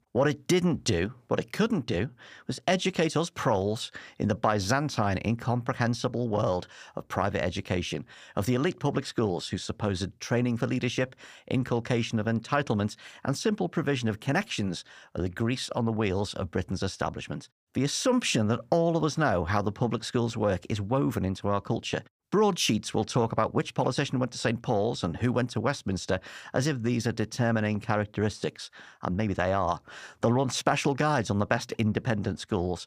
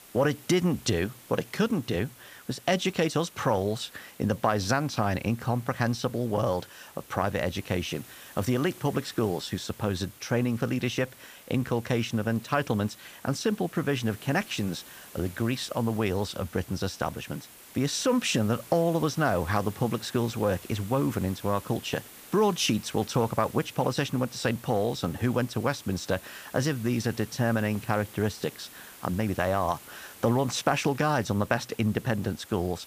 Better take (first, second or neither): first